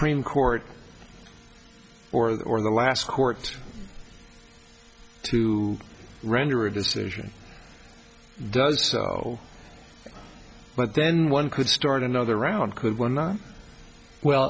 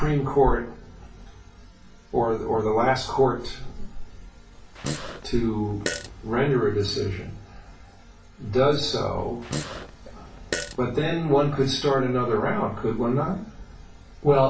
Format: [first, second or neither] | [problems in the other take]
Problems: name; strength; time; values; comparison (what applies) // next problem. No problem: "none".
first | background sound (Fart); 10 dB below the speech // room echo; dies away in 0.4 s